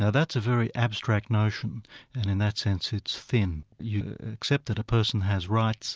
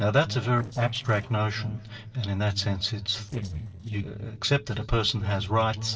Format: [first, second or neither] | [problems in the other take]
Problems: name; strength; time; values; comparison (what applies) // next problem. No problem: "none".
first | noise reduction (neural separator model SepFormer DNS4)